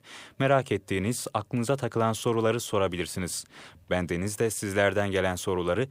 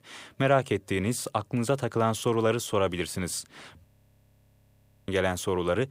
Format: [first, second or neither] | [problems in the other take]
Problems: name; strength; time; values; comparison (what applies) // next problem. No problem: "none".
first | audio freezing; at 4 s for 1 s